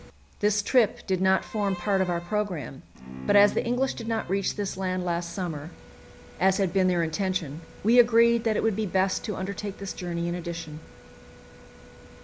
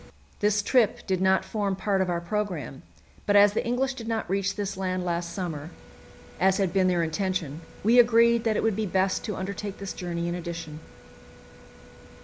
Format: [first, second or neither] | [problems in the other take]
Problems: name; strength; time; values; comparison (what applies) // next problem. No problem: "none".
second | background sound (Bowed string instrument); 13 dB below the speech